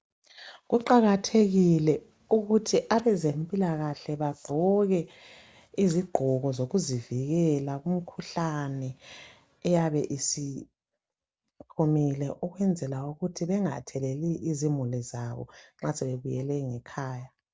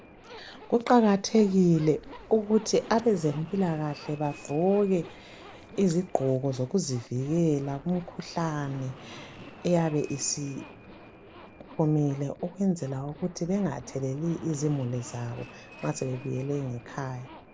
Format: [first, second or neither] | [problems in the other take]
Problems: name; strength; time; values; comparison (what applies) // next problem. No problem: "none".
first | background sound (Fixed-wing aircraft, airplane + Zipper (clothing)); 19 dB below the speech